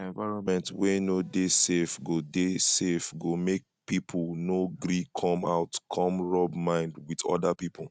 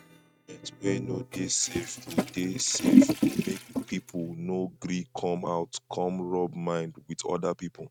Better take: first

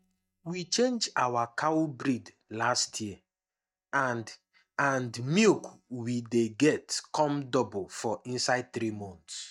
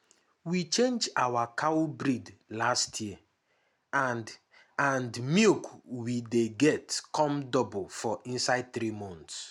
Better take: second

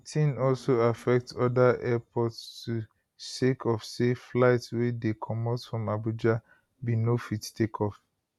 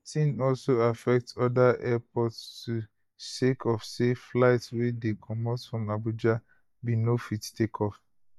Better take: first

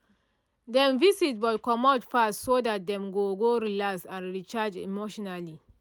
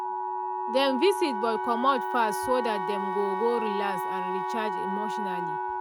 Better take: first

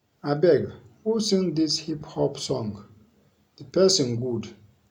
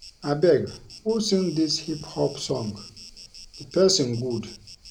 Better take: first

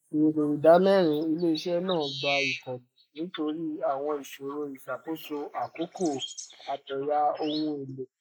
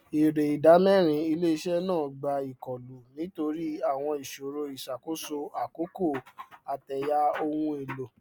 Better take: second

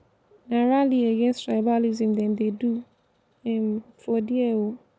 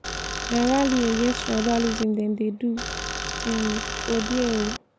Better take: first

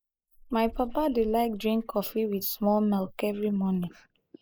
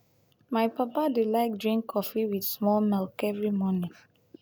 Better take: second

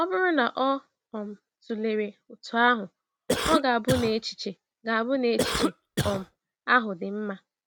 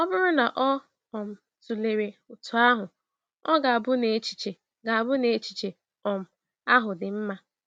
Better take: second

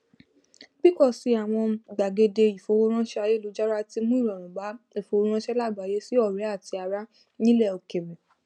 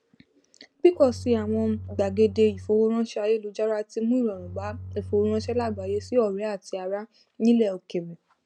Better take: first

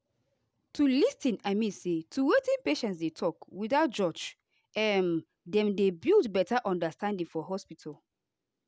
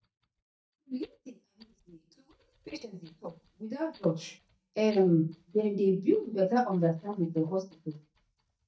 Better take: first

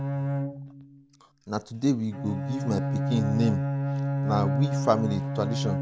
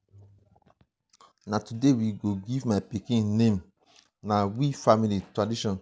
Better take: second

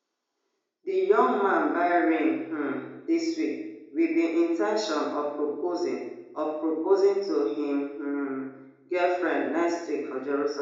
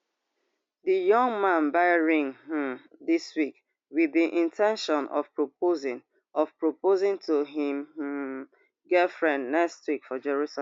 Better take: second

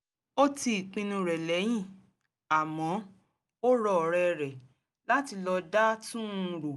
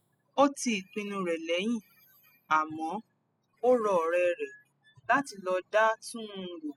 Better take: first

